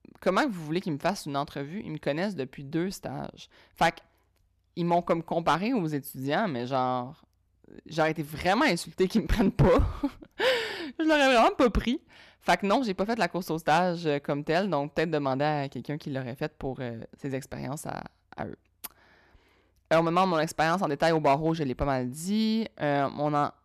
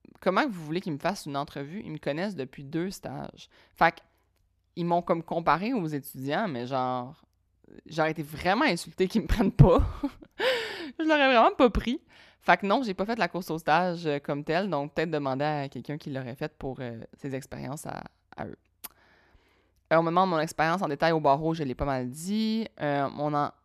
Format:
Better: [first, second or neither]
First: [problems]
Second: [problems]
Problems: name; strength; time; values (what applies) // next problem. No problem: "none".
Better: second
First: distortion; slight; 2% of the sound clipped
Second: none